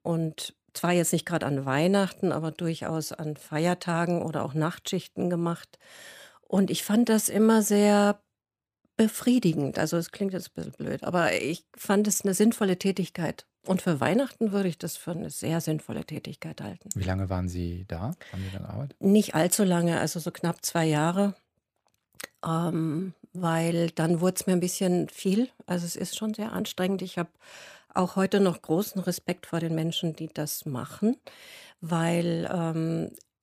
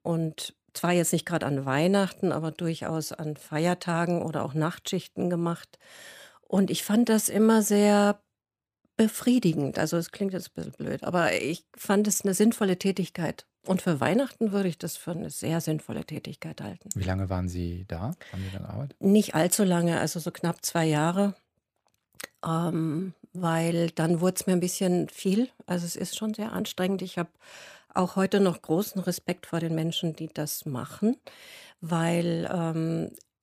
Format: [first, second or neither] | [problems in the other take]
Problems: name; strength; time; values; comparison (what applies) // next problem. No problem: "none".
neither | none